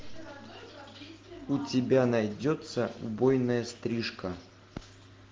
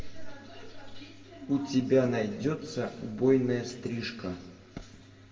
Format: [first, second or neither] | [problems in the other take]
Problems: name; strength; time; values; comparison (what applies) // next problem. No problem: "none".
first | room echo; dies away in 1.4 s